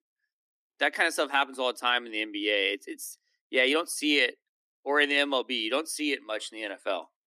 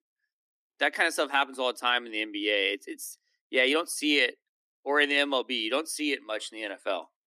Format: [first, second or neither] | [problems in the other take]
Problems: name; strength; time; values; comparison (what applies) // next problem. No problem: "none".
neither | thin; very slightly; fading below 250 Hz; the same in both